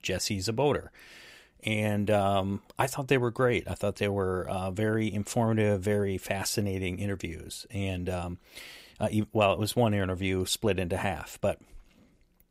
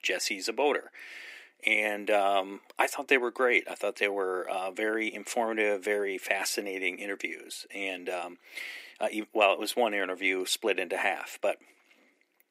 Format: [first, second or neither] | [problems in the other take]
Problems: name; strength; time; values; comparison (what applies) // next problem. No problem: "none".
first | thin; somewhat; fading below 250 Hz